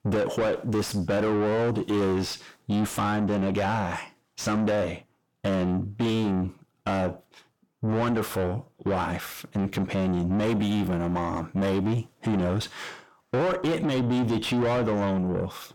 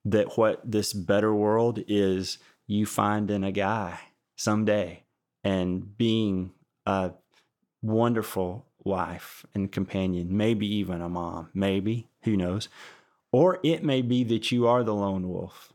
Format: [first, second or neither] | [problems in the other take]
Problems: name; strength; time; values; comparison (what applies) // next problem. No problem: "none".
second | distortion; heavy; 6 dB below the speech